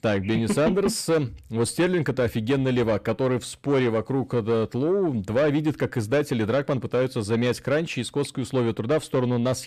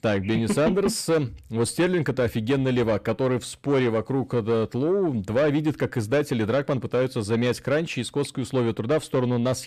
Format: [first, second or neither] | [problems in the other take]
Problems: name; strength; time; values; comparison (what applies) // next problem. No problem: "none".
neither | distortion; slight; 10 dB below the speech; the same in both